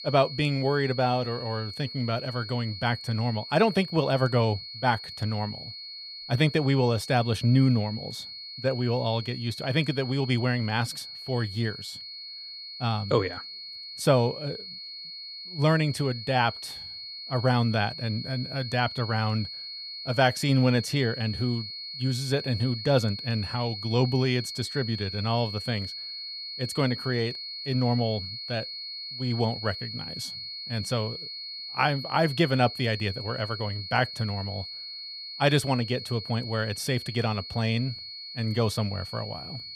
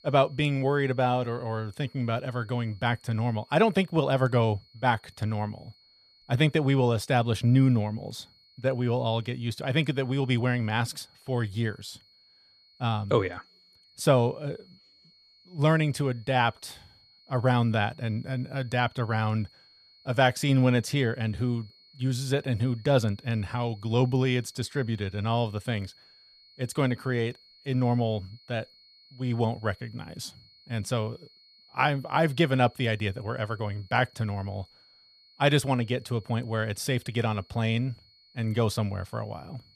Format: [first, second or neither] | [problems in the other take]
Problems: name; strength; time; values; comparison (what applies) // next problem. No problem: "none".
second | high-pitched whine; loud; throughout; 4.5 kHz, 9 dB below the speech; faint in the second